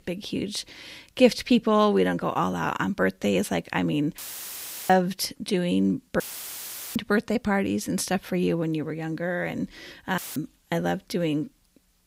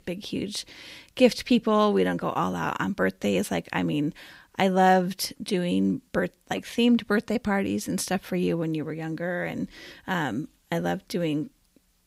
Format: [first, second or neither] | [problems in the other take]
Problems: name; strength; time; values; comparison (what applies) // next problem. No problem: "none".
second | audio cutting out; filled with static; at 4 s for 0.5 s, at 6 s for 1 s and at 10 s